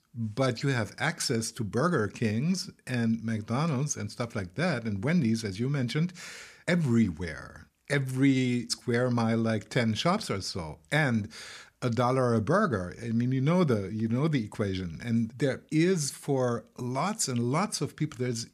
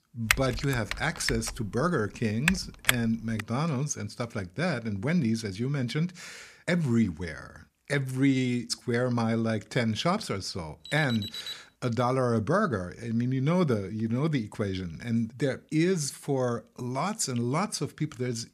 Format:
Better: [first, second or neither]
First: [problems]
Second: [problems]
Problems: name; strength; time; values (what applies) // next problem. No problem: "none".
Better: first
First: none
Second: keyboard typing; loud; until 3.5 s; peak 2 dB above the speech // alarm; noticeable; at 11 s; peak 7 dB below the speech